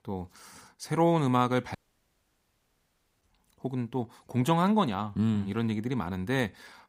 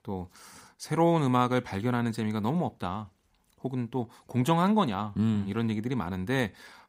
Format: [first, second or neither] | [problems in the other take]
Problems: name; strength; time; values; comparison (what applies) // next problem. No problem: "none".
second | audio cutting out; at 2 s for 1.5 s